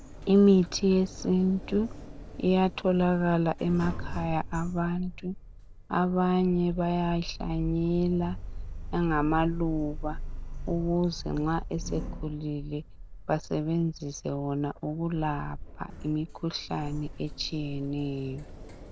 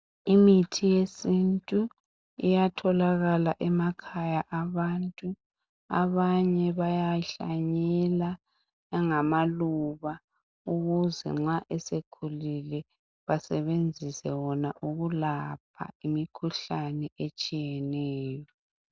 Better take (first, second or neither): second